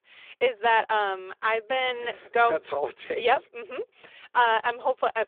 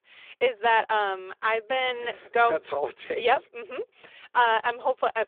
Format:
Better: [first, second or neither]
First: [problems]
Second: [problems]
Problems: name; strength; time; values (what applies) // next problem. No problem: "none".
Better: neither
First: phone-call audio; poor line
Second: phone-call audio; poor line